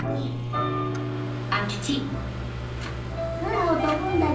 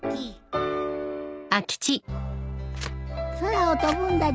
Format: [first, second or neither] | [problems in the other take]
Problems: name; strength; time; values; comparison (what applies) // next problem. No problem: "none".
second | background sound (Microwave oven); 4 dB below the speech // room echo; dies away in 0.6 s